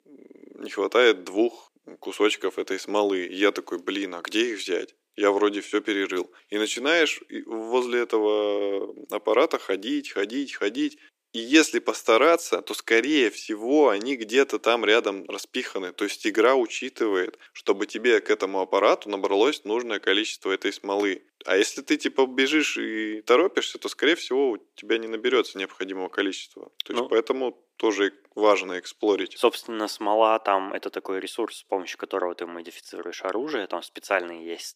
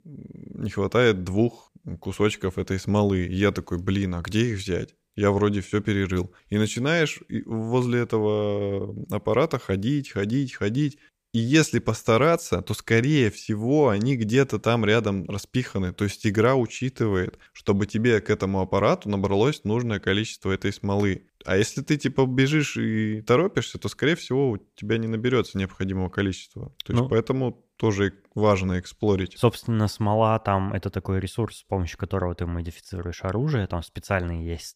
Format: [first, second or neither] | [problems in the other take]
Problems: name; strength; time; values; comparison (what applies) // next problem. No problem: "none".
second | thin; somewhat; fading below 300 Hz